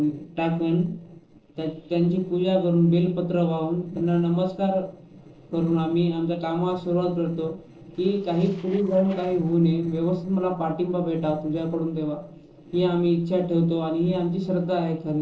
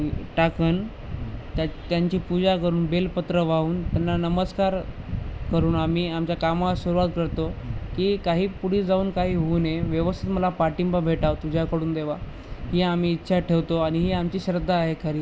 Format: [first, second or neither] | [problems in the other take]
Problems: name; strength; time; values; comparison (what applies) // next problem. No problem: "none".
second | noise reduction (neural separator model SepFormer DNS4)